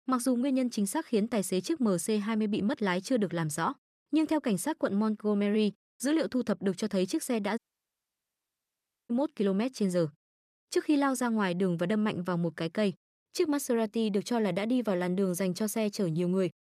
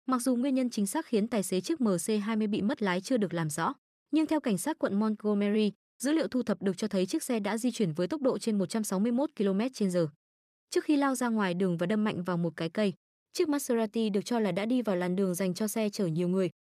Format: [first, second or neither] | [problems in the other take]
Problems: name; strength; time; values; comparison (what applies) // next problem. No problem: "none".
second | audio cutting out; at 7.5 s for 1.5 s